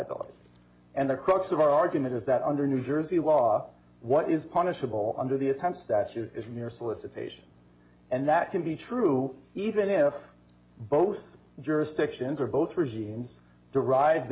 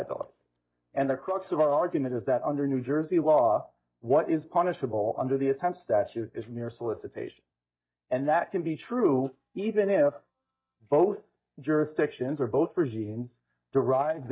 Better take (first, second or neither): first